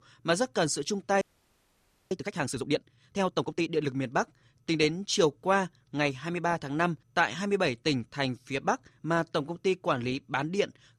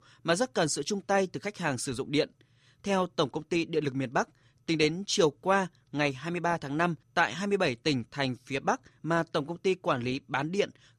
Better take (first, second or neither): second